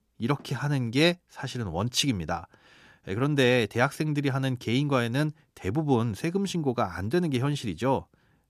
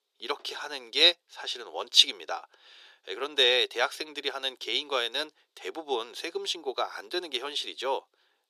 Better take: first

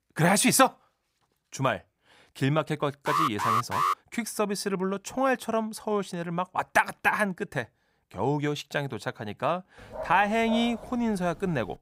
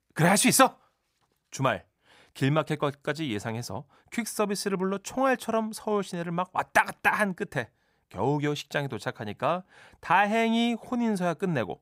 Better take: second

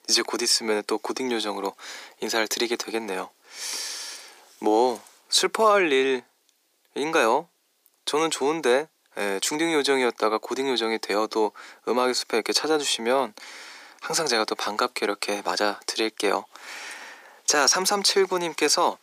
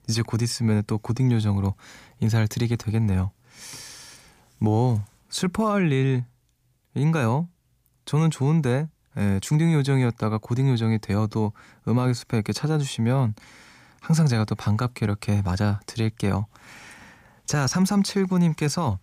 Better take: second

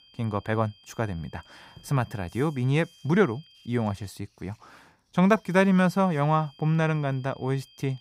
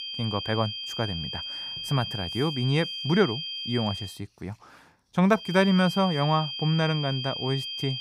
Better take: first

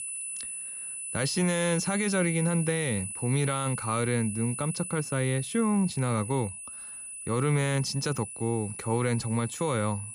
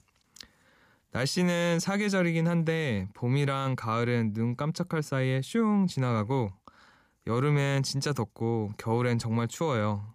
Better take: second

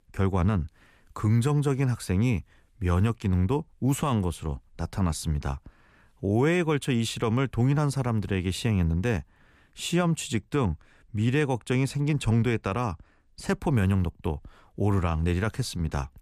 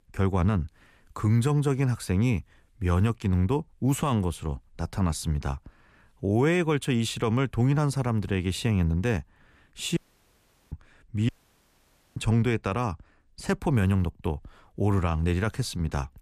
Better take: first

